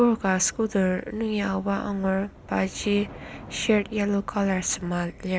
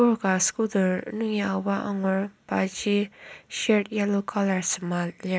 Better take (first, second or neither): second